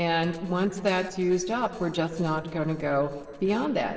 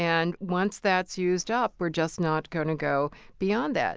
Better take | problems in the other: second | noise reduction (neural separator model SepFormer DNS4)

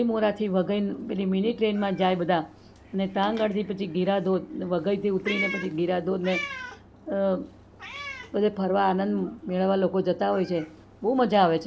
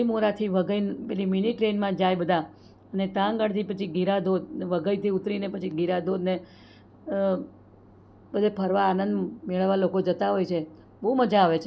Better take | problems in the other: second | background sound (Meow); 16 dB below the speech

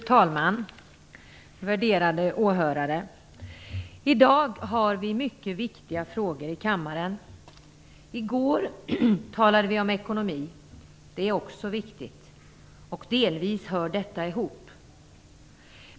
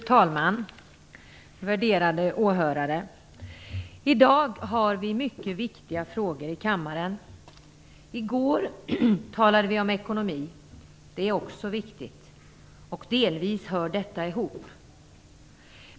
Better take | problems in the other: first | background sound (Walk, footsteps); 19 dB below the speech

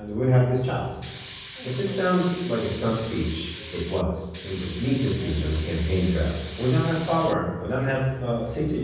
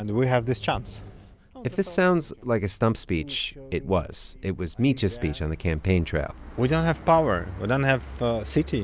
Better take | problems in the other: second | background sound (Hiss); 16 dB below the speech // room echo; dies away in 1.1 s

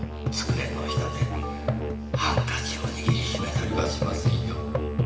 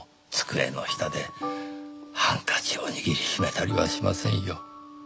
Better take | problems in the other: second | background sound (Musical instrument); 5 dB above the speech // room echo; dies away in 2.1 s

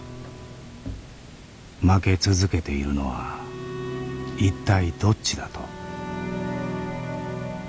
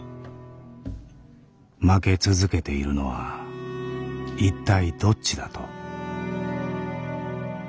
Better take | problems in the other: second | background sound (Water); 19 dB below the speech

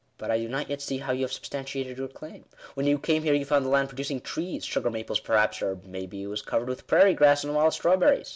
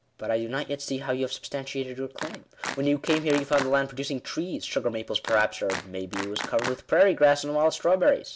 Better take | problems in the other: first | background sound (Clapping); 10 dB below the speech

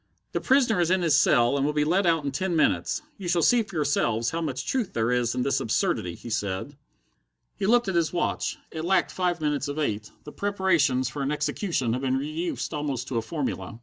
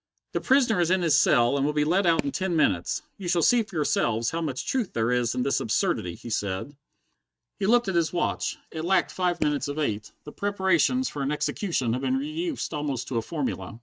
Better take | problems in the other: first | noise reduction (neural mask model RNNoise)

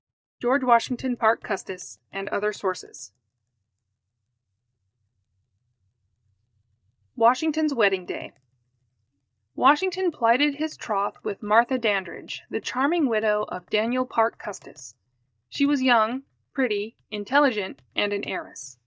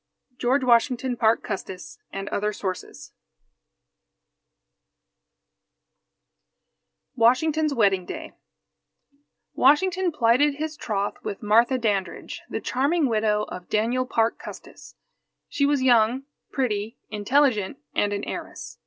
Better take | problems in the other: second | noise reduction (neural mask model DeepFilterNet 3)

